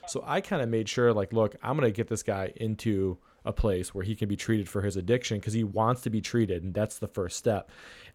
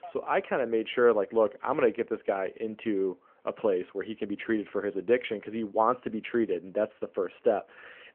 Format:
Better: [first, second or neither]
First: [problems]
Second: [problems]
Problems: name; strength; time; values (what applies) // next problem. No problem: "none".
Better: first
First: none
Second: phone-call audio; nothing above 3.5 kHz